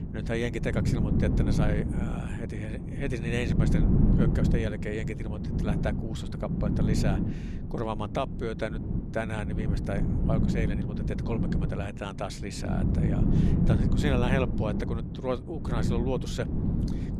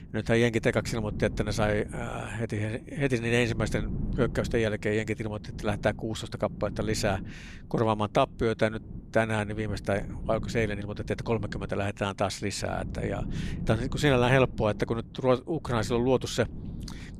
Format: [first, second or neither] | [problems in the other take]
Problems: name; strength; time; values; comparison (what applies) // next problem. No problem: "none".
second | wind noise on the microphone; heavy; 2 dB below the speech; occasional gusts in the second